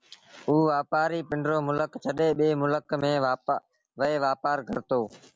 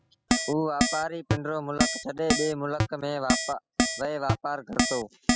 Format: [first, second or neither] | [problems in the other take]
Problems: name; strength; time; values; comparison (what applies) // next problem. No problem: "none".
first | noise reduction (classical method spectral subtraction)